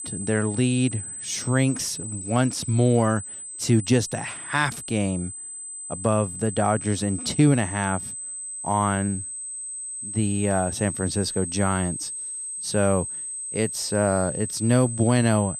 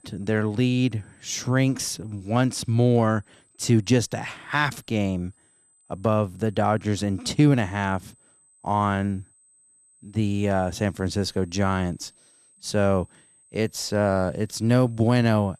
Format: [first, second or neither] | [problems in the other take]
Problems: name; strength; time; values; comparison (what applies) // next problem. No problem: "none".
second | high-pitched whine; loud; throughout; 8 kHz, 7 dB below the speech; faint in the second